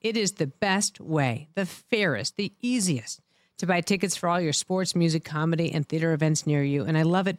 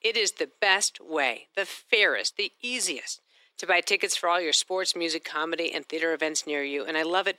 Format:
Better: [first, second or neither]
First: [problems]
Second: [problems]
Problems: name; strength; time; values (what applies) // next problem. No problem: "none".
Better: first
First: none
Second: thin; very; fading below 350 Hz